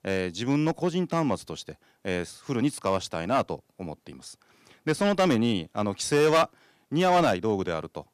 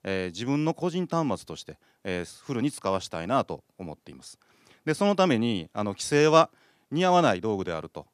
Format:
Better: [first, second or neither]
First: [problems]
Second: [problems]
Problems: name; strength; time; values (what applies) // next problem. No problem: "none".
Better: second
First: distortion; slight; 3% of the sound clipped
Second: none